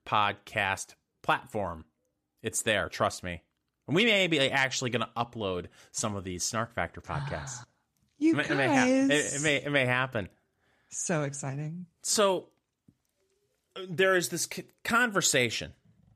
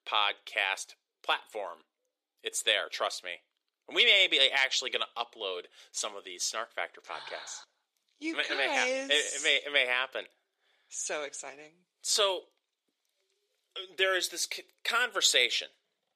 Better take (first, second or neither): first